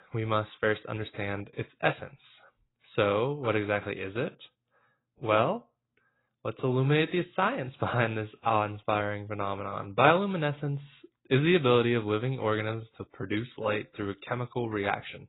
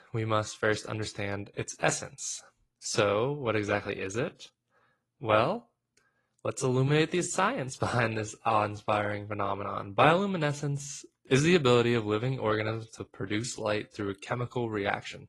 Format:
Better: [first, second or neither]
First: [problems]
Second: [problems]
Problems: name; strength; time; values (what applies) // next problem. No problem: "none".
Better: second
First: garbled, watery; badly; nothing above 4 kHz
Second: garbled, watery; slightly